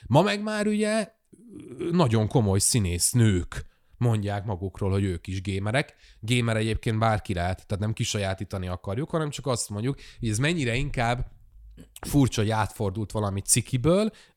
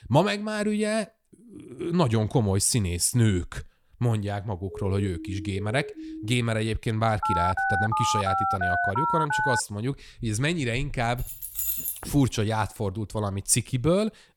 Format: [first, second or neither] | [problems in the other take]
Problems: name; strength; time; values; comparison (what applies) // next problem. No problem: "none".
first | siren; faint; from 4.5 to 6.5 s; peak 10 dB below the speech // phone ringing; loud; from 7 to 9.5 s; peak 2 dB above the speech // jangling keys; loud; at 11 s; peak 1 dB above the speech